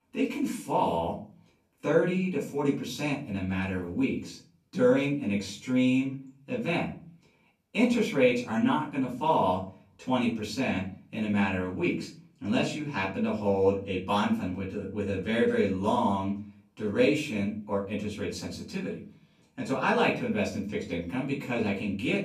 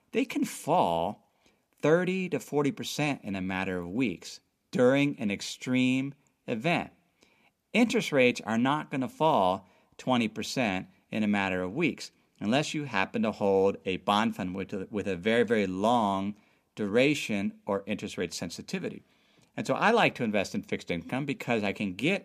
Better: second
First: off-mic speech; far // room echo; slight; dies away in 0.4 s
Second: none

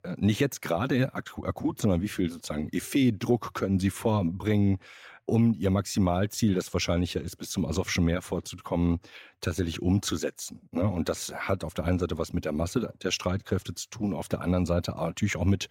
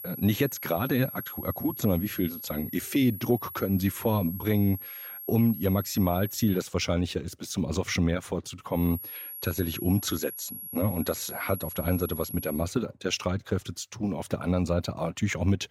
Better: first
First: none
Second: high-pitched whine; loud; until 6.5 s and from 9 to 13 s; 11.5 kHz, 9 dB below the speech

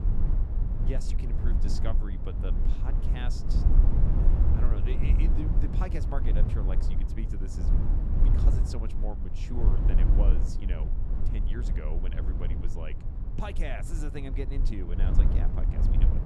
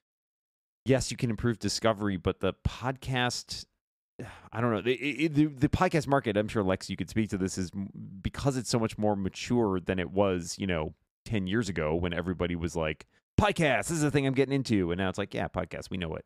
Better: second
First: low rumble; loud; throughout; 1 dB below the speech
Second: none

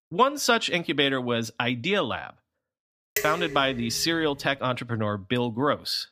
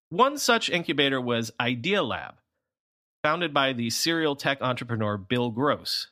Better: second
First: clattering dishes; noticeable; at 3 s; peak 4 dB below the speech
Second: none

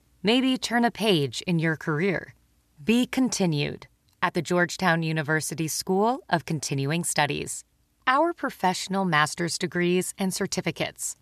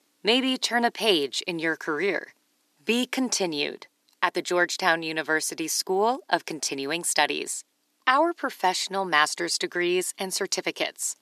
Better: first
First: none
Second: thin; somewhat; fading below 250 Hz

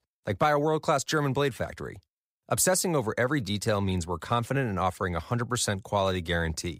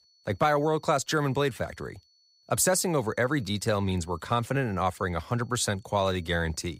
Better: first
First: none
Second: high-pitched whine; faint; throughout; 4.5 kHz, 35 dB below the speech

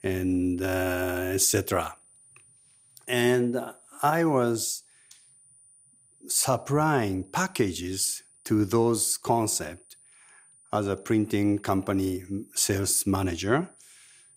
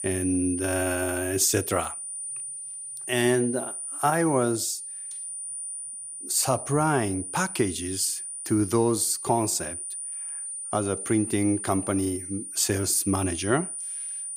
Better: first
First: high-pitched whine; faint; throughout; 9.5 kHz, 30 dB below the speech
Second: high-pitched whine; loud; throughout; 9.5 kHz, 7 dB below the speech

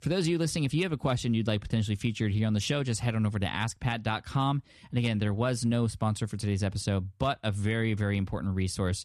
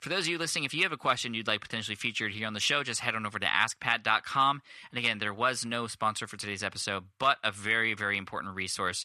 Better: first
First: none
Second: thin; very; fading below 900 Hz

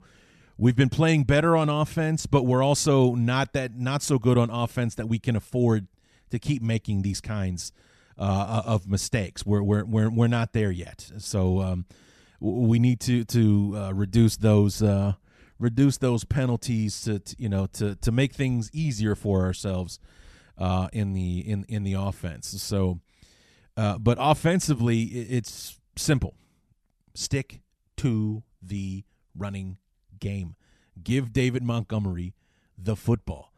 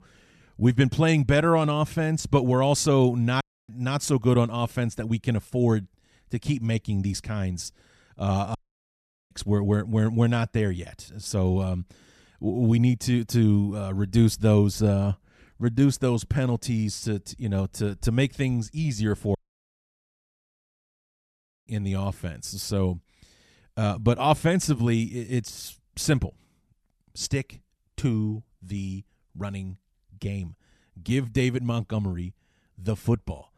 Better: first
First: none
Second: audio cutting out; at 3.5 s, at 8.5 s for 1 s and at 19 s for 2.5 s

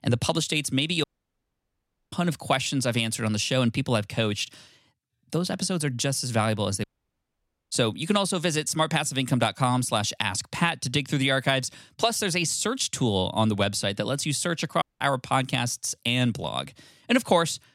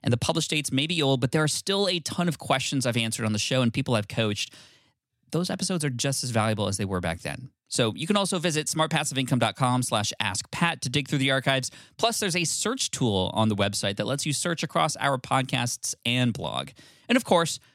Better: second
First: audio cutting out; at 1 s for 1 s, at 7 s for 1 s and at 15 s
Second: none

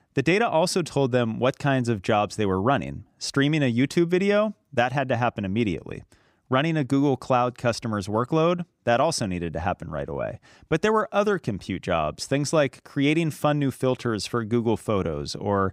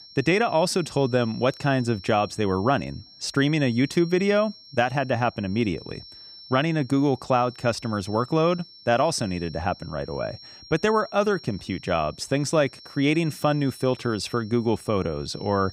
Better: first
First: none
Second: high-pitched whine; noticeable; throughout; 5.5 kHz, 20 dB below the speech

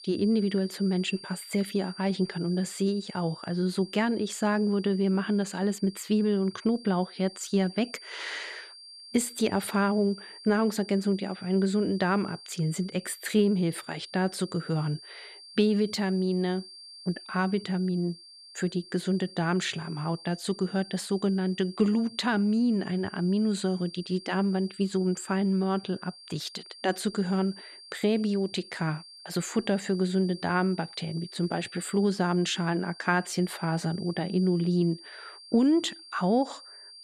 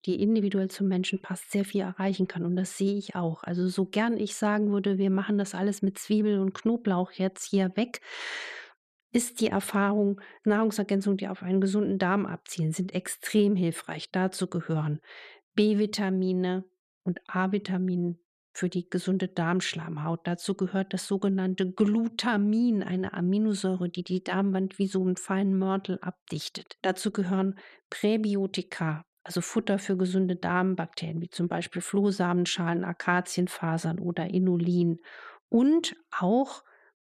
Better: second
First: high-pitched whine; noticeable; throughout; 4.5 kHz, 15 dB below the speech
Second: none

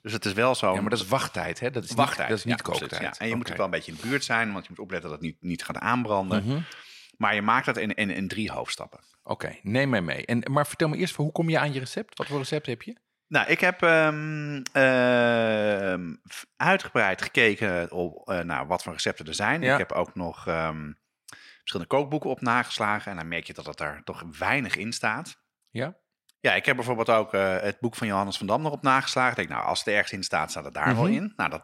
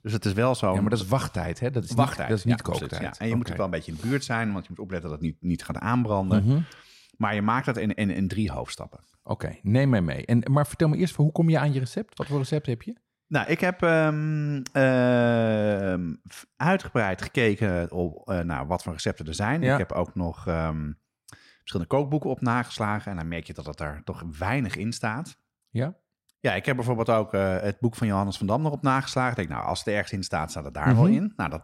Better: second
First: thin; very slightly; fading below 400 Hz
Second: none

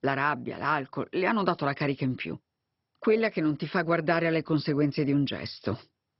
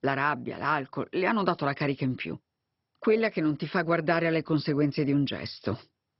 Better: neither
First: garbled, watery; badly; nothing above 5.5 kHz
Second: garbled, watery; badly; nothing above 5.5 kHz

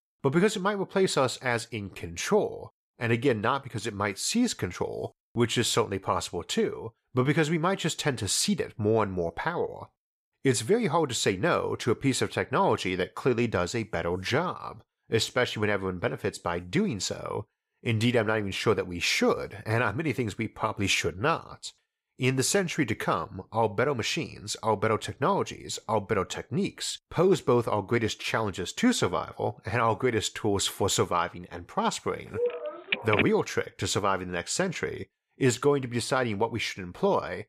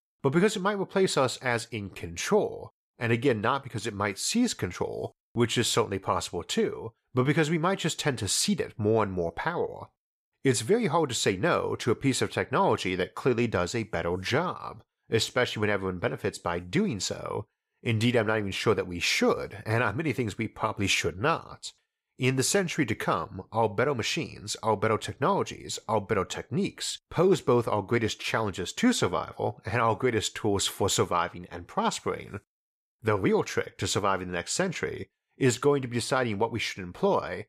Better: second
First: phone ringing; loud; at 32 s; peak 1 dB above the speech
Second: none

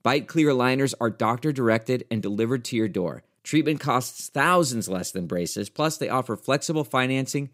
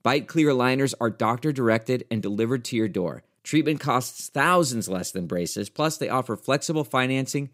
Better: neither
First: none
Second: none

